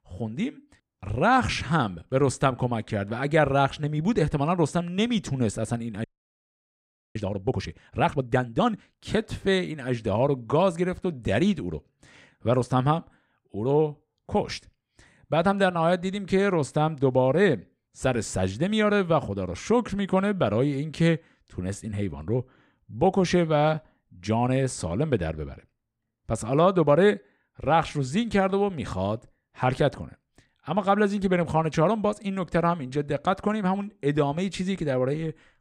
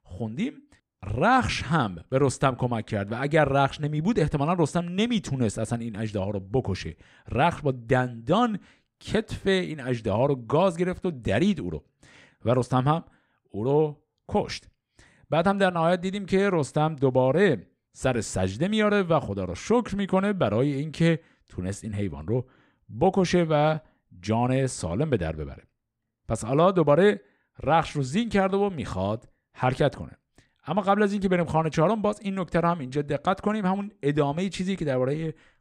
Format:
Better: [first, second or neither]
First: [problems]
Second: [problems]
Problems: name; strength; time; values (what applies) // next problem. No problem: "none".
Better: second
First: audio freezing; at 6 s for 1 s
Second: none